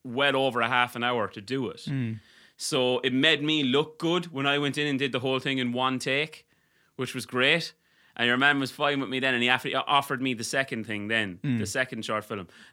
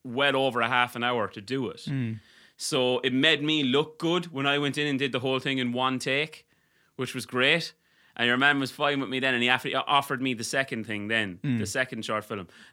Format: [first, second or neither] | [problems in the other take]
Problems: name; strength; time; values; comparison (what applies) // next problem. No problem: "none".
neither | none